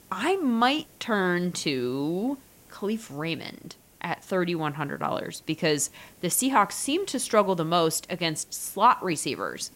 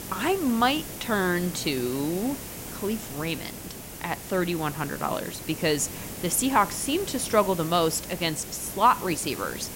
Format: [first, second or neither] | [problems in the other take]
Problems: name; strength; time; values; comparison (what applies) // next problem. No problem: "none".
first | hiss; loud; throughout; 10 dB below the speech; faint in the first